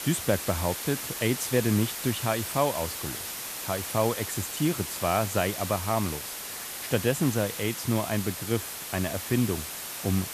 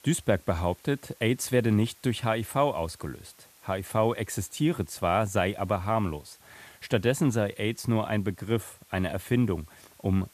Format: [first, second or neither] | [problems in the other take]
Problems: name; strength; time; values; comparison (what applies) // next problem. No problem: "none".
second | hiss; loud; throughout; 5 dB below the speech; faint in the second